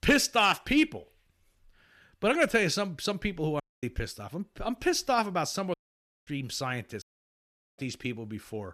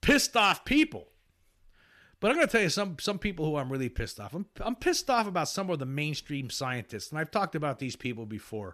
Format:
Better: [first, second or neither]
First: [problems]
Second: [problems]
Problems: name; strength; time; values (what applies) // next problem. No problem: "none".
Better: second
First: audio cutting out; at 3.5 s, at 5.5 s for 0.5 s and at 7 s for 1 s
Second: none